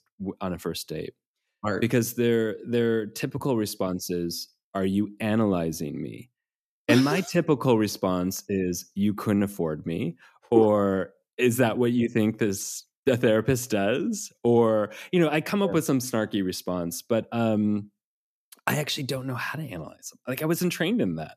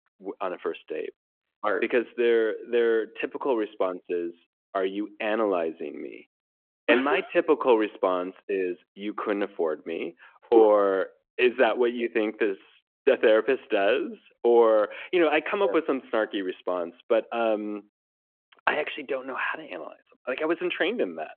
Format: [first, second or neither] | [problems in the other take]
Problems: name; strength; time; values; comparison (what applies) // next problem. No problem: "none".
first | phone-call audio